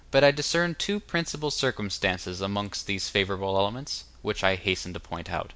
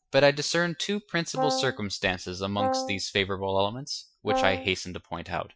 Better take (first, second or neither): first